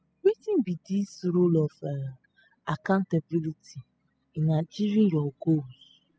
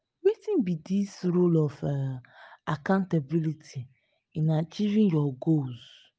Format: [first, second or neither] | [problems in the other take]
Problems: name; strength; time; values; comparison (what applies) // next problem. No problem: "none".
second | noise reduction (classical method spectral subtraction)